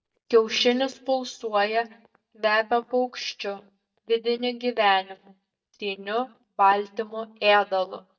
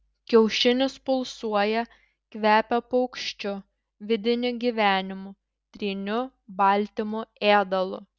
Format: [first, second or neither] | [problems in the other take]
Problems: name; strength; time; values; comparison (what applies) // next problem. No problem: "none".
second | noise reduction (neural mask model DeepFilterNet 3)